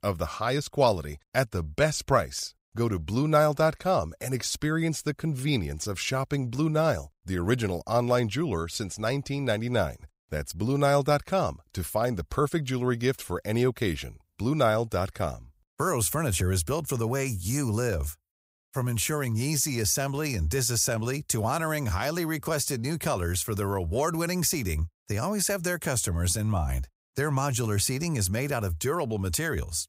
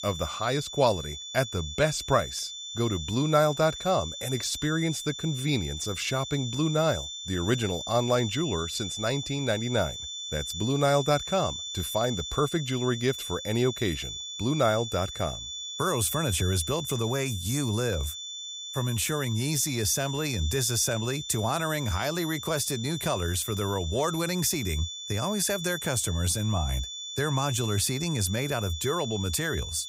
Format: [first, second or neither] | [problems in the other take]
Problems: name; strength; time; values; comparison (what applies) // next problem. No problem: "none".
first | high-pitched whine; loud; throughout; 3.5 kHz, 7 dB below the speech